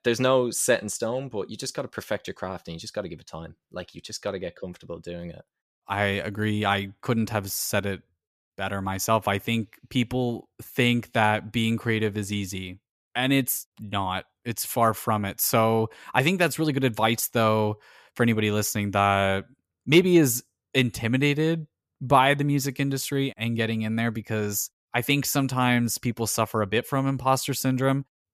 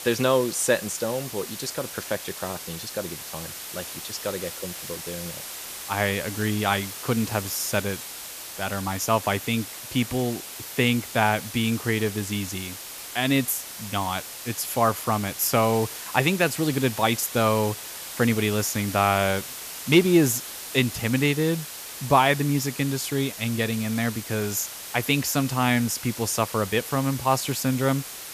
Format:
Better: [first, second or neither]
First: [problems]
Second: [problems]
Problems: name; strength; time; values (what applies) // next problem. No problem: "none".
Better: first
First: none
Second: hiss; loud; throughout; 10 dB below the speech